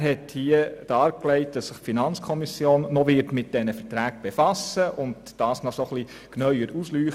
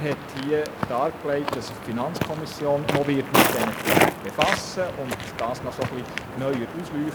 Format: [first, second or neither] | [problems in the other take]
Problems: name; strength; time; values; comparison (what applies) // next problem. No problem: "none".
first | background sound (Walk, footsteps); 1 dB above the speech